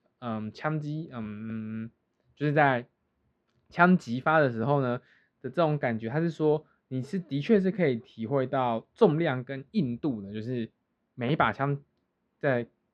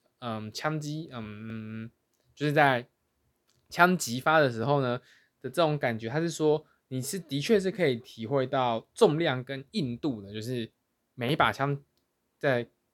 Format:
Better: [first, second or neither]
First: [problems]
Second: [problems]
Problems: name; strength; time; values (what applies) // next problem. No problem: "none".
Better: second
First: muffled; slightly; fading above 2.5 kHz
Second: none